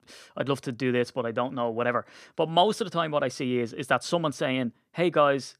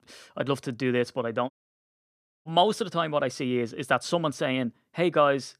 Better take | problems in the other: first | audio cutting out; at 1.5 s for 1 s

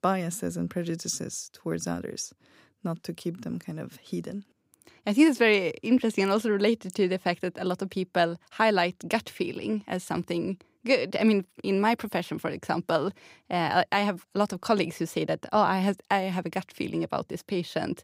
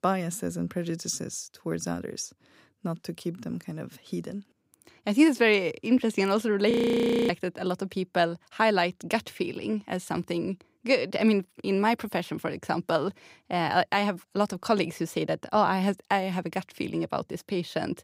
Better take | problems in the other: first | audio freezing; at 6.5 s for 0.5 s

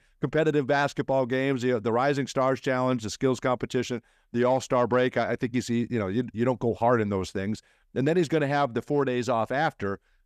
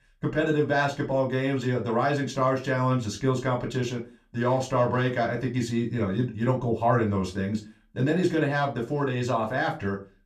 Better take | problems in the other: first | off-mic speech; somewhat distant // room echo; very slight; dies away in 0.2 s

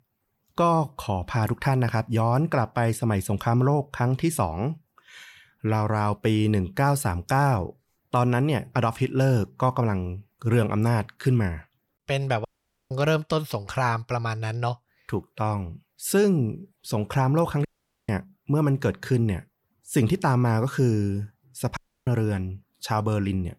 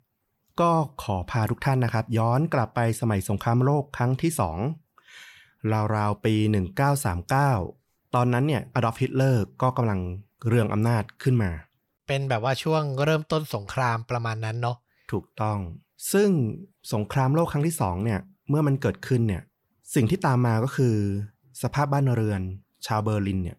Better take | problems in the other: second | audio cutting out; at 12 s, at 18 s and at 22 s

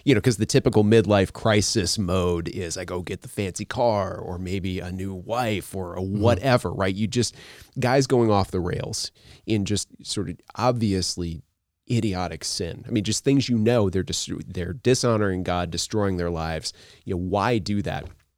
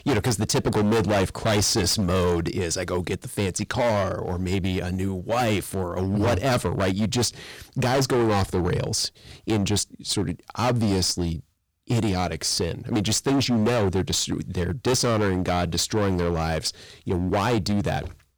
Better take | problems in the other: first | distortion; heavy; 17% of the sound clipped

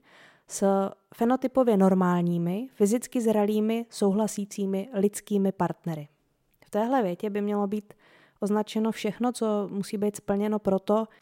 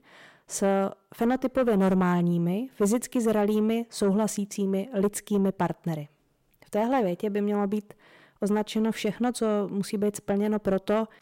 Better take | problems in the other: first | distortion; slight; 10 dB below the speech

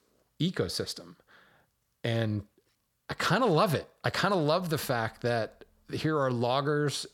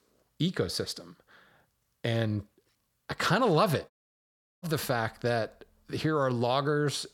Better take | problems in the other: first | audio cutting out; at 4 s for 0.5 s

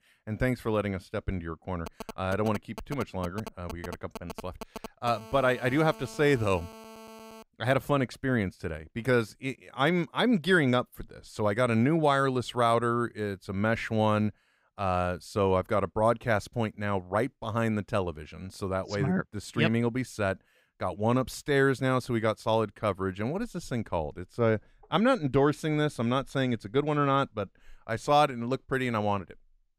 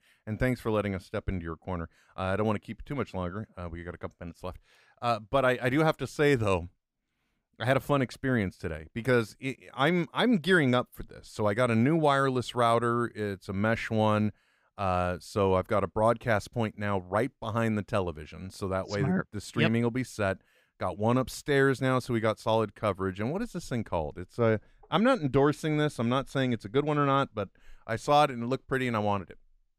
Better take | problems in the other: second | phone ringing; faint; from 2 to 7.5 s; peak 15 dB below the speech

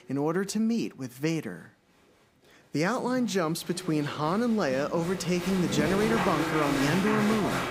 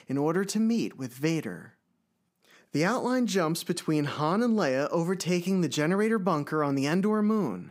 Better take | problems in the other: second | crowd noise; loud; throughout; 3 dB below the speech

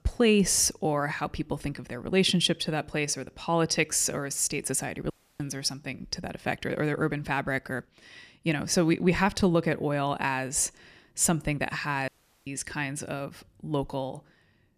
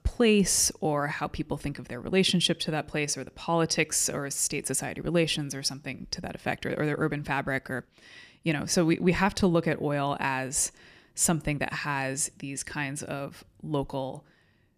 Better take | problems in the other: second | audio cutting out; at 5 s and at 12 s

